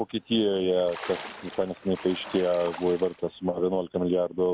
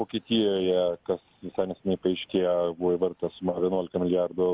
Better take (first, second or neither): second